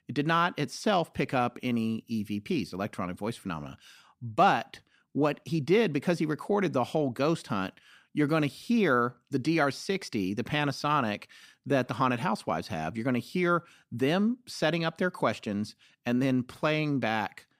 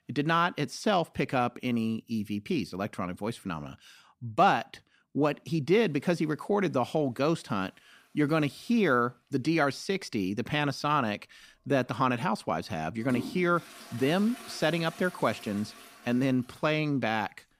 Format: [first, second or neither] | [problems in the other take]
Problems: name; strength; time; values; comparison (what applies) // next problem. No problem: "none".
first | household noises; noticeable; throughout; 15 dB below the speech